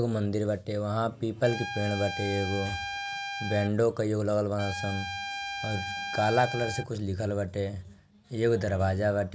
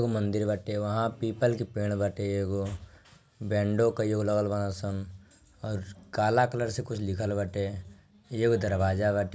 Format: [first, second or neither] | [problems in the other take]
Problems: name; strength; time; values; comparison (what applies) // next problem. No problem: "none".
second | background sound (Trumpet); 7 dB below the speech